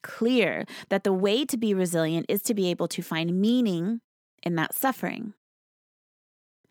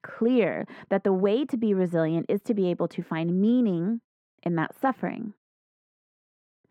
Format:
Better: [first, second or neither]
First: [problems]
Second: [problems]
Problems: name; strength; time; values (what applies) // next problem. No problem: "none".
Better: first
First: none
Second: muffled; very; fading above 3.5 kHz